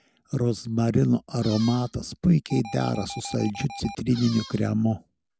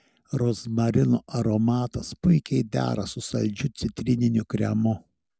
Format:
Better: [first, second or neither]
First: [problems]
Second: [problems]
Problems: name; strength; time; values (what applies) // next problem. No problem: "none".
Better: second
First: background sound (Alarm + Squeak); 15 dB below the speech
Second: none